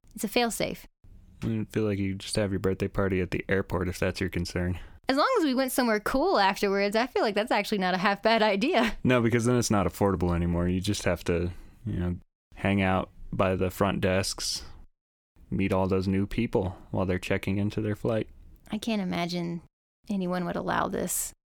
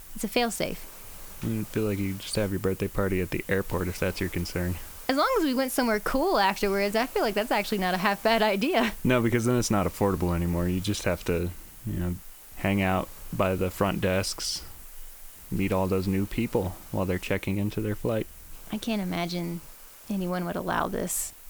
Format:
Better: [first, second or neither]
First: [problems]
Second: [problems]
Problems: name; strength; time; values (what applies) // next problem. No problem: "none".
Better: first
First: none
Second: hiss; noticeable; throughout; 15 dB below the speech